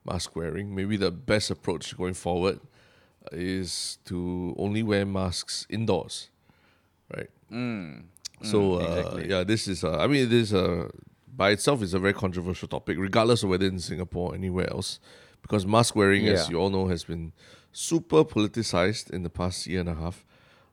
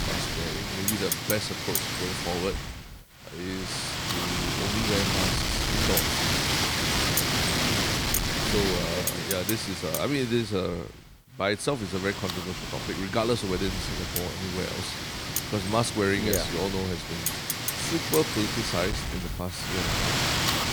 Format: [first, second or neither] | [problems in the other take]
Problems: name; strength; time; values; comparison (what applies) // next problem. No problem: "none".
first | wind noise on the microphone; heavy; 4 dB above the speech